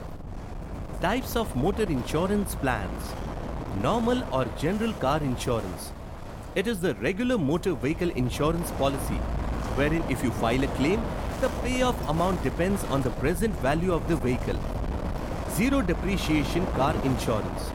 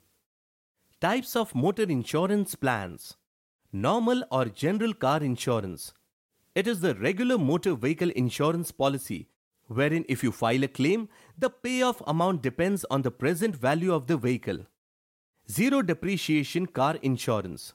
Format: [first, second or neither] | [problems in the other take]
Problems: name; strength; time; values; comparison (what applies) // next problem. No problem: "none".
second | wind noise on the microphone; heavy; 8 dB below the speech